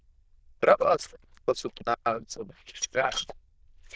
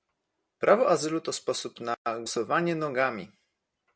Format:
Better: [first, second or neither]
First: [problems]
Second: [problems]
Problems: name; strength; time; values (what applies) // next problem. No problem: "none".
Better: second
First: noise reduction (neural diffusion model UNIVERSE++)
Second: none